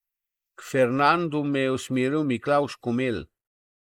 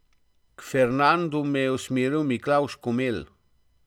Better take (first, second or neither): second